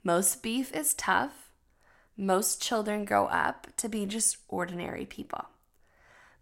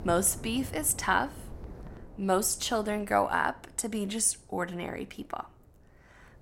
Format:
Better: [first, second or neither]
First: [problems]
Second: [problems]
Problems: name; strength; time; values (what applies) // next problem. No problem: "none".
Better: first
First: none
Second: wind noise on the microphone; occasional gusts; 25 dB below the speech